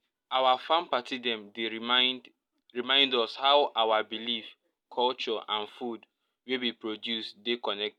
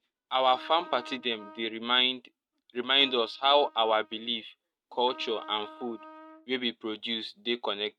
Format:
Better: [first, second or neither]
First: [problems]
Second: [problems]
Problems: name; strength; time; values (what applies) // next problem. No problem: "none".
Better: first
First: none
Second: noise reduction (neural mask model RNNoise)